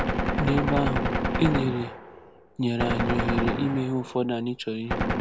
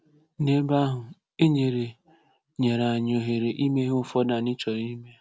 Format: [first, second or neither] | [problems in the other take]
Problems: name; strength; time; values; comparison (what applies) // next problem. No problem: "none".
second | background sound (Gunshot, gunfire); as loud as the speech